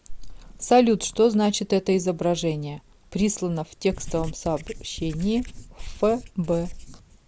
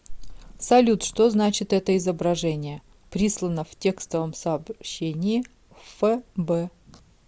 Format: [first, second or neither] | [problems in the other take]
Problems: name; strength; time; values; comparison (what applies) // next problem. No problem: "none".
second | background sound (Writing); 12 dB below the speech